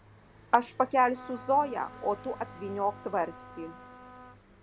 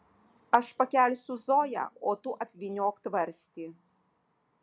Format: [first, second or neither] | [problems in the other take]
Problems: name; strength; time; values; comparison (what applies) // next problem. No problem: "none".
second | background sound (Car passing by + Trumpet); 18 dB below the speech